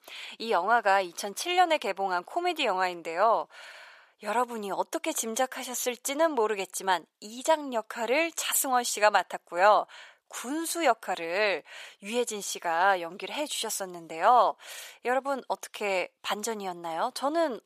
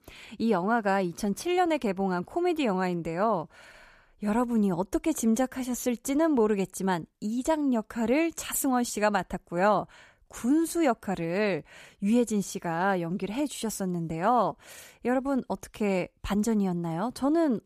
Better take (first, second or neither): second